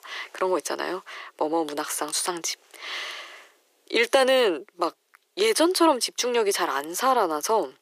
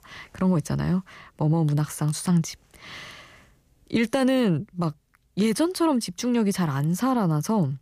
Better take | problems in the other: second | thin; very; fading below 350 Hz

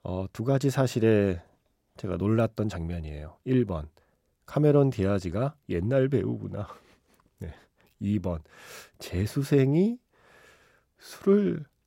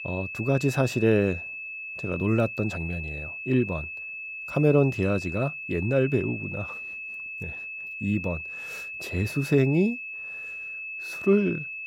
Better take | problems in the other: first | high-pitched whine; loud; throughout; 2.5 kHz, 8 dB below the speech

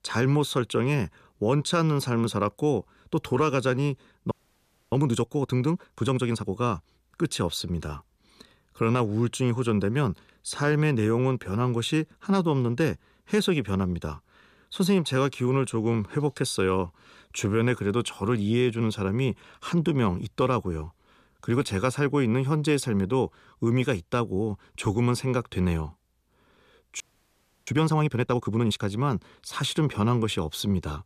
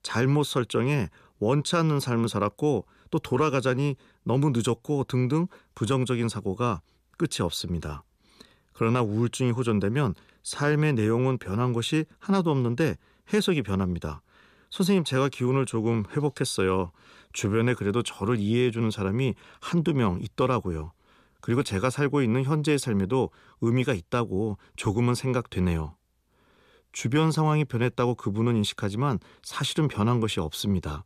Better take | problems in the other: second | audio freezing; at 4.5 s for 0.5 s and at 27 s for 0.5 s

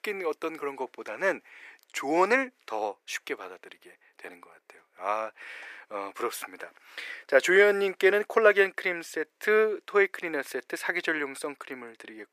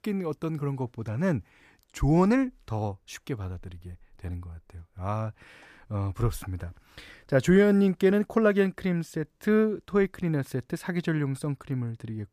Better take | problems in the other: second | thin; very; fading below 400 Hz

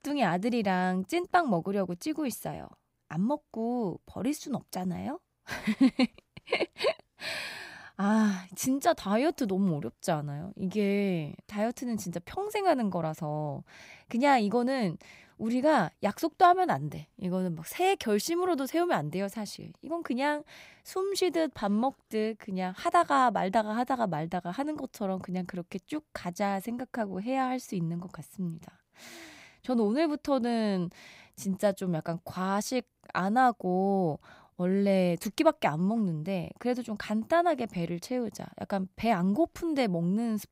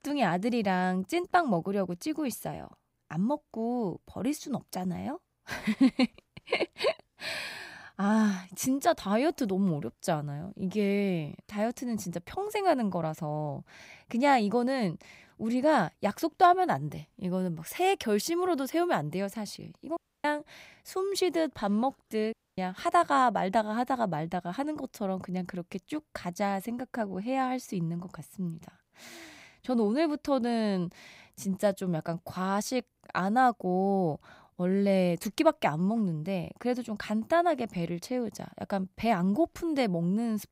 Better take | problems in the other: first | audio cutting out; at 20 s and at 22 s

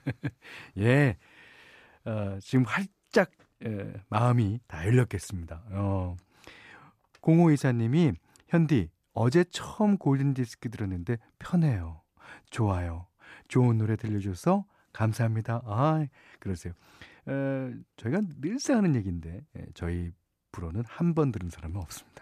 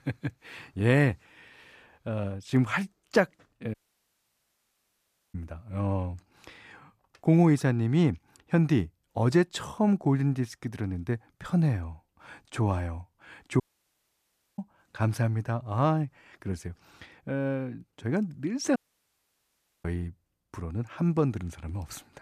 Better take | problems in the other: first | audio cutting out; at 3.5 s for 1.5 s, at 14 s for 1 s and at 19 s for 1 s

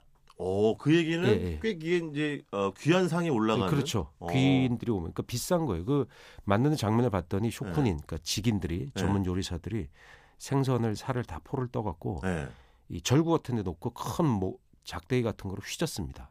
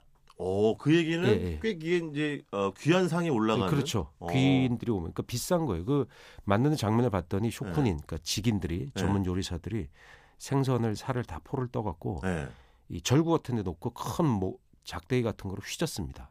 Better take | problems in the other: neither | none

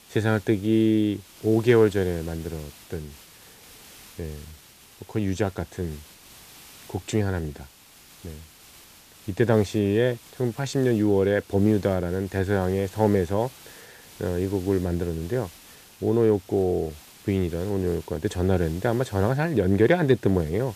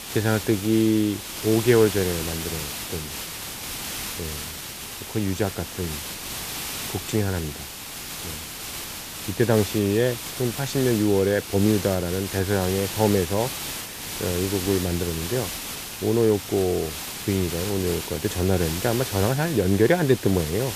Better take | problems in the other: first | hiss; loud; throughout; 7 dB below the speech; faint in the first

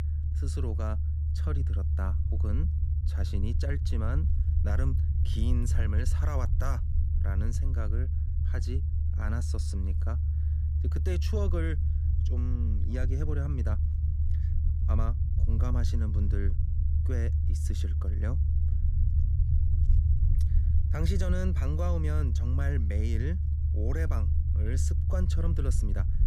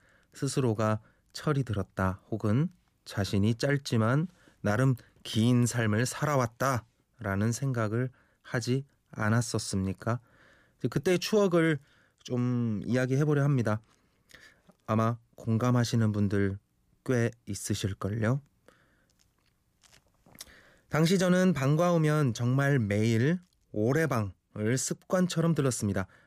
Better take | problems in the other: second | low rumble; loud; throughout; 4 dB below the speech

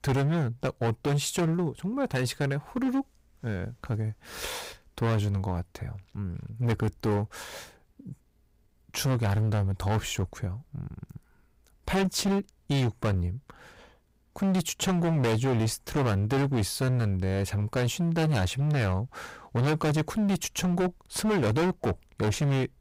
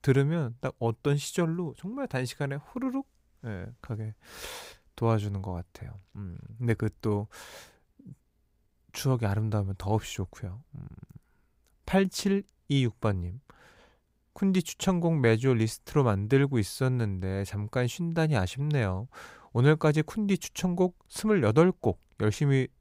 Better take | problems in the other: second | distortion; heavy; 16% of the sound clipped

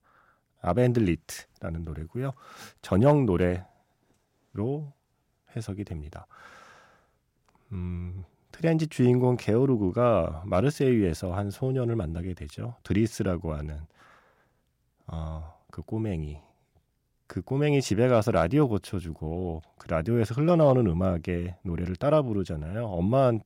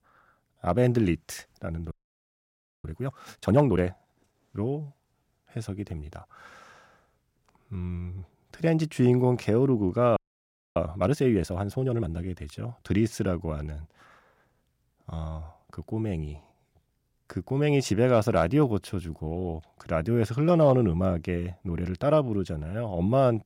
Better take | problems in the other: first | audio freezing; at 2 s for 1 s and at 10 s for 0.5 s

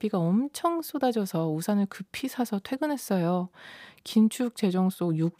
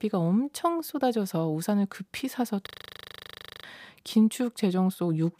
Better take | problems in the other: first | audio freezing; at 2.5 s for 1 s

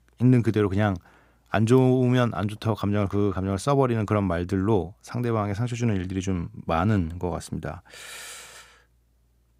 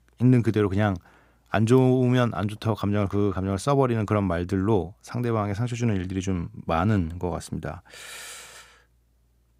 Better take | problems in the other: neither | none

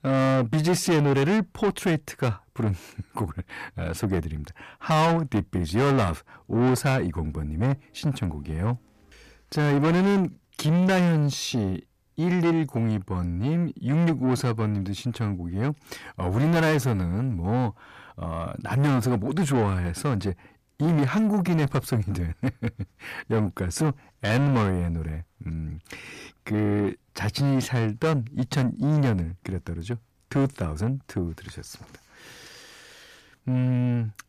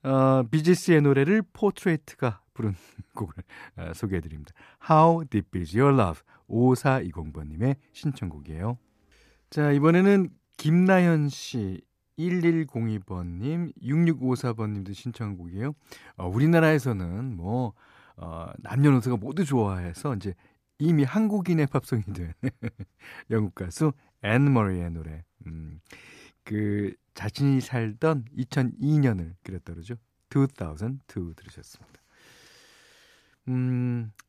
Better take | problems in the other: second | distortion; heavy; 7 dB below the speech

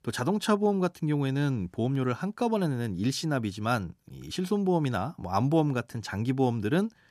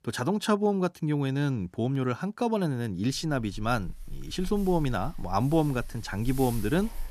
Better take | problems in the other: first | dog barking; faint; from 3 s on; peak 10 dB below the speech

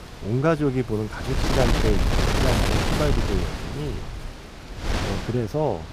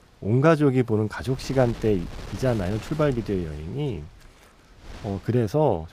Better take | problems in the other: second | wind noise on the microphone; heavy; 1 dB above the speech; occasional gusts in the second

